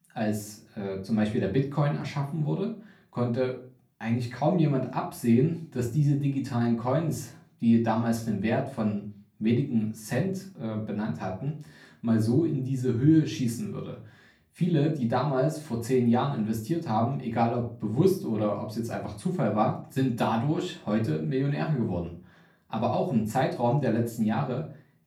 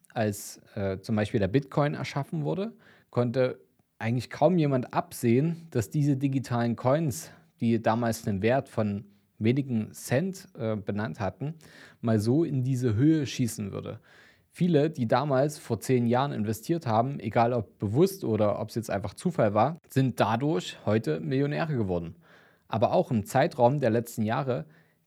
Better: second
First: off-mic speech; far // room echo; slight; dies away in 0.3 s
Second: none

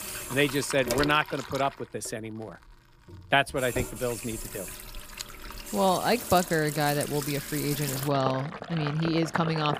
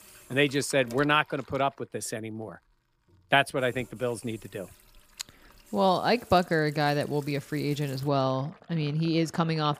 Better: second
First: household noises; loud; throughout; 8 dB below the speech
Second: household noises; faint; throughout; 25 dB below the speech

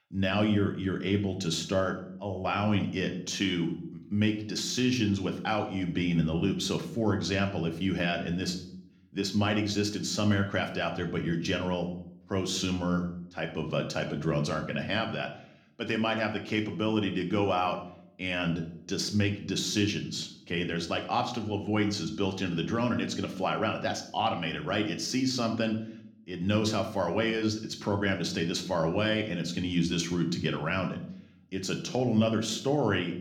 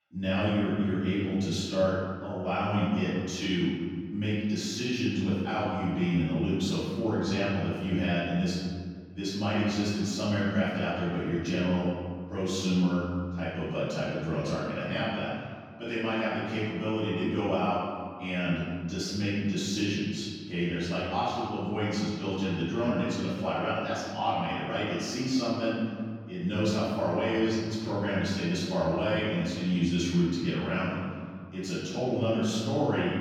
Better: first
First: room echo; slight; dies away in 0.5 s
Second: room echo; strong; dies away in 1.8 s // off-mic speech; far

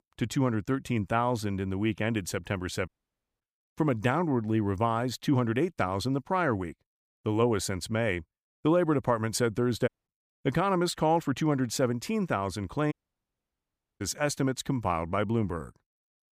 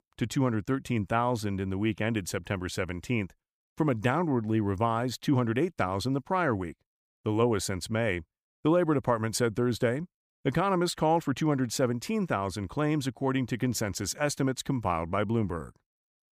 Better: second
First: audio cutting out; at 3 s for 0.5 s, at 10 s and at 13 s for 1 s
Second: none

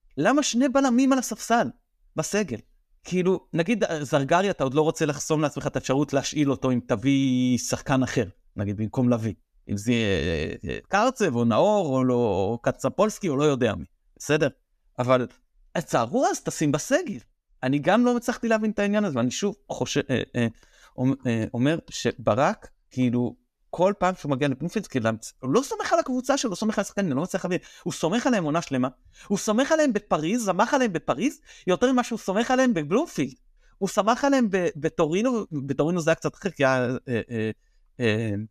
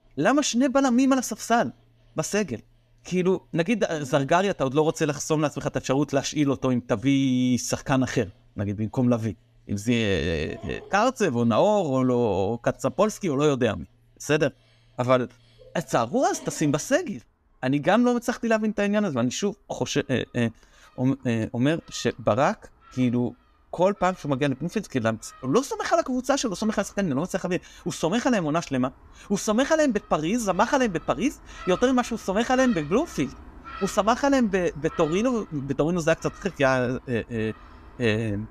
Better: first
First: none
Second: animal sounds; faint; throughout; 25 dB below the speech

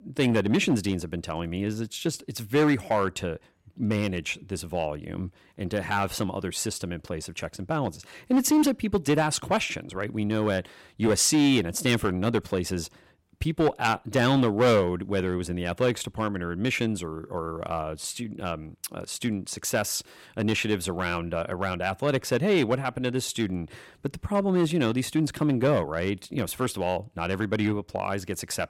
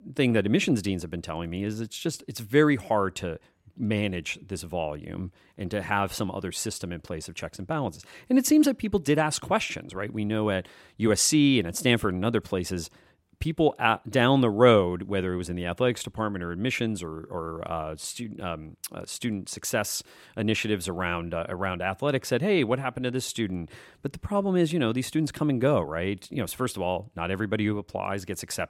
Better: second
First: distortion; slight; 3% of the sound clipped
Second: none

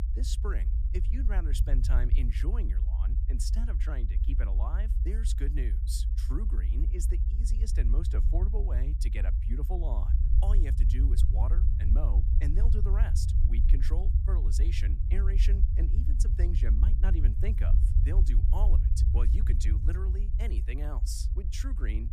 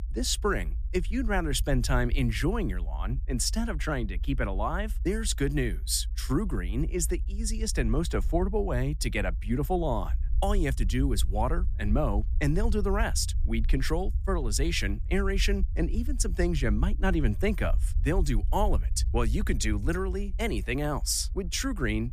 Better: second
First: low rumble; loud; throughout; 4 dB below the speech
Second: low rumble; faint; throughout; 20 dB below the speech

